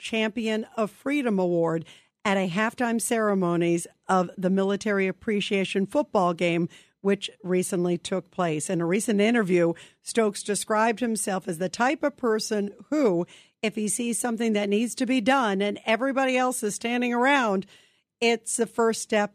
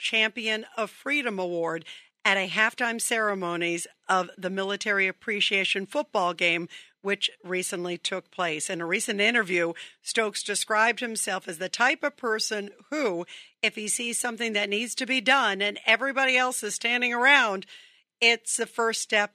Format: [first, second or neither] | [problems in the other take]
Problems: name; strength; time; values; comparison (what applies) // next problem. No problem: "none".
first | thin; somewhat; fading below 500 Hz